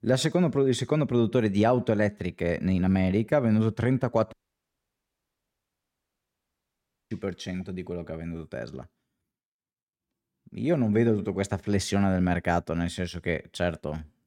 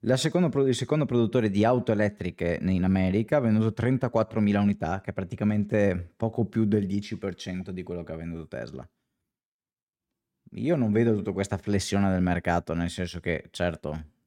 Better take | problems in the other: second | audio cutting out; at 4.5 s for 3 s

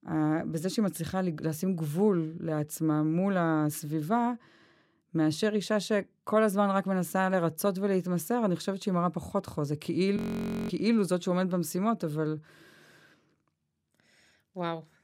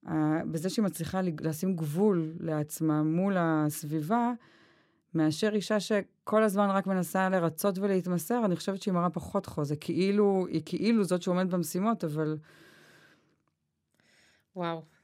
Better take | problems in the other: second | audio freezing; at 10 s for 0.5 s

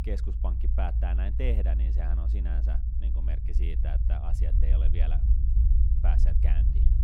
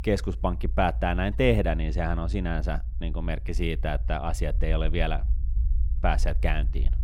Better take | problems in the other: second | low rumble; loud; throughout; 3 dB below the speech; faint in the second

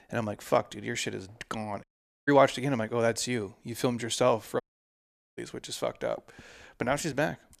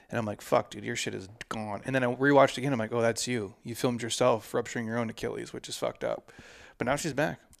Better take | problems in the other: second | audio cutting out; at 2 s and at 4.5 s for 1 s

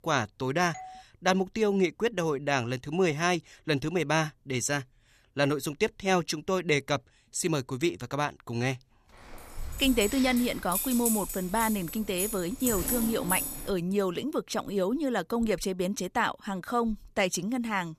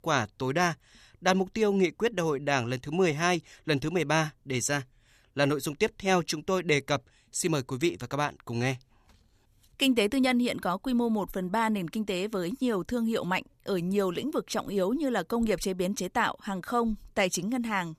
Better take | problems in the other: second | doorbell; faint; at 0.5 s; peak 15 dB below the speech // jangling keys; loud; from 9.5 to 14 s; peak 1 dB above the speech

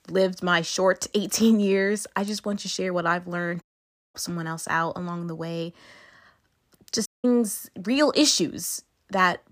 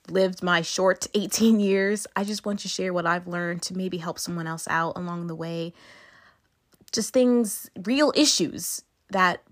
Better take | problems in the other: second | audio cutting out; at 3.5 s for 0.5 s and at 7 s

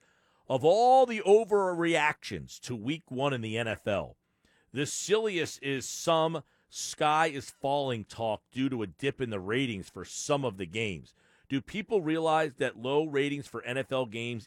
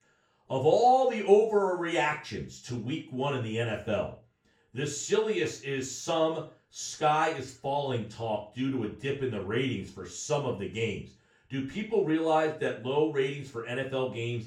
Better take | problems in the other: first | room echo; slight; dies away in 0.3 s // off-mic speech; far

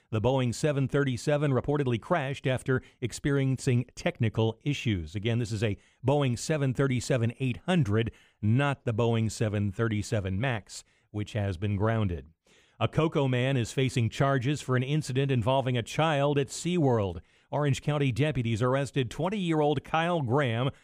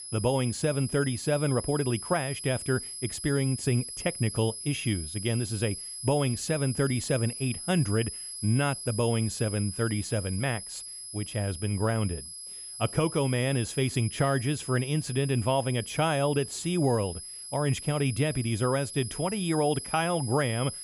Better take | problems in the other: first | high-pitched whine; loud; throughout; 11 kHz, 8 dB below the speech

